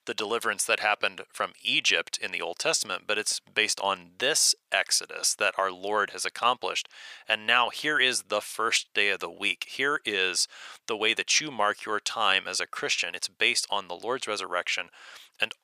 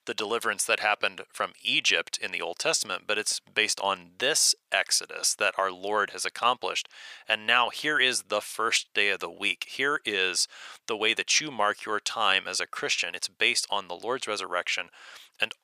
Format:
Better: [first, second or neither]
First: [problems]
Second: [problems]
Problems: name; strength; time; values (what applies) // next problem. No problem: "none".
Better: neither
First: thin; very; fading below 750 Hz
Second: thin; very; fading below 750 Hz